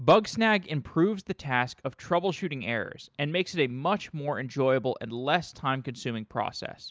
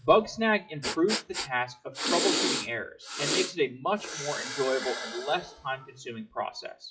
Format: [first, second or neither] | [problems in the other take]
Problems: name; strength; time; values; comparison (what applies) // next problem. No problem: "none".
first | noise reduction (classical method WPE with log-MMSE)